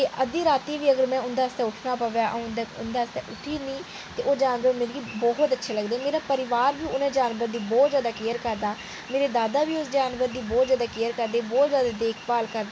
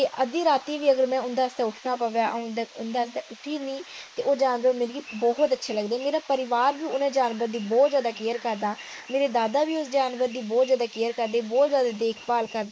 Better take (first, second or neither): first